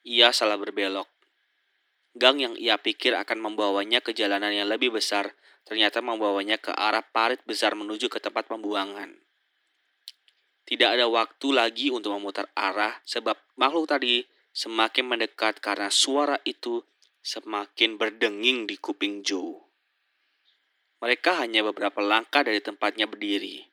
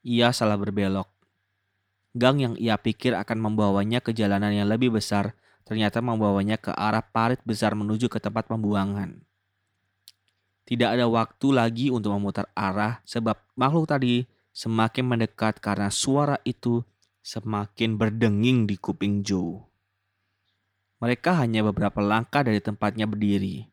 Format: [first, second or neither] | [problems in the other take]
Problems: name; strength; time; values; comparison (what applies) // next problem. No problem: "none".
second | thin; somewhat; fading below 300 Hz